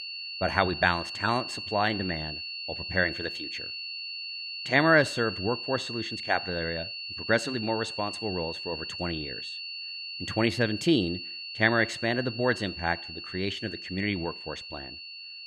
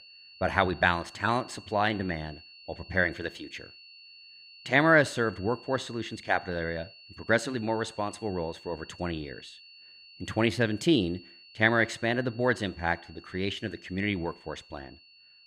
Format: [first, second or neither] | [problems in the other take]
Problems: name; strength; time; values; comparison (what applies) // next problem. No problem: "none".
second | high-pitched whine; loud; throughout; 4.5 kHz, 7 dB below the speech; faint in the second